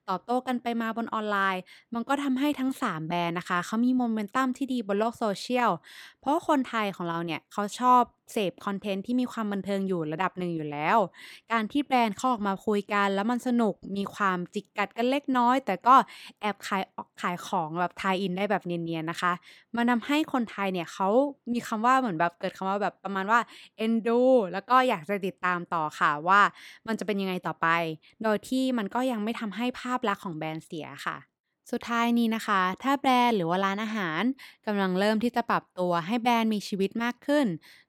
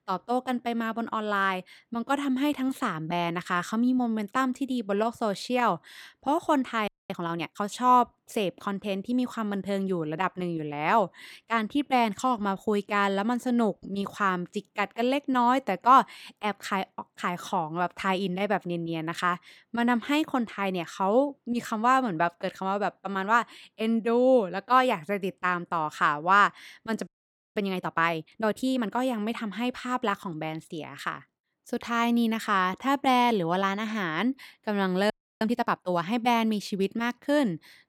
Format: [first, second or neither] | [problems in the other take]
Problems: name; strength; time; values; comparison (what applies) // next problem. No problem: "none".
first | audio freezing; at 7 s, at 27 s and at 35 s